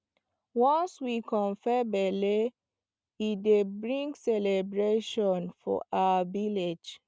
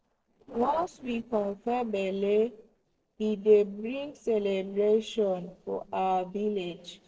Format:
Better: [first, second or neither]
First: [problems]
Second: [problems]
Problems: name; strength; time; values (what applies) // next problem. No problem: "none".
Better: first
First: none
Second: noise reduction (neural separator model SepFormer DNS4)